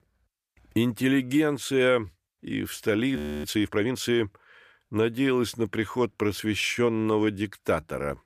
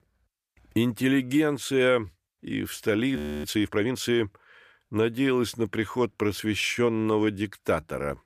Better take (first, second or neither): neither